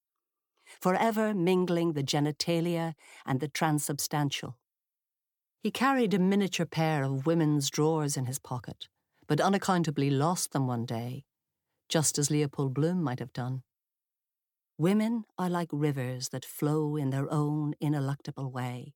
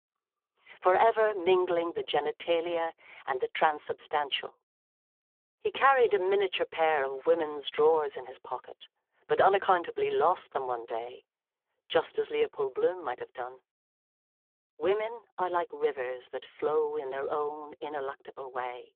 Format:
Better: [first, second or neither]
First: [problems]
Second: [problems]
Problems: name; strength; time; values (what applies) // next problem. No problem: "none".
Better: first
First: none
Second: phone-call audio; poor line